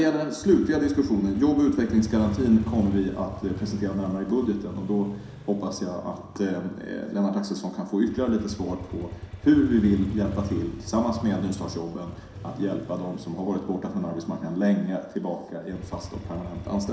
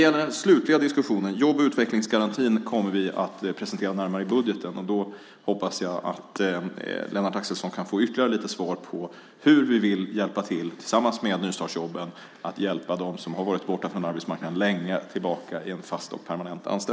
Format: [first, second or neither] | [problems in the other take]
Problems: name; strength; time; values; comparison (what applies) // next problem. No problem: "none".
second | background sound (Motorcycle); 12 dB below the speech // room echo; dies away in 0.7 s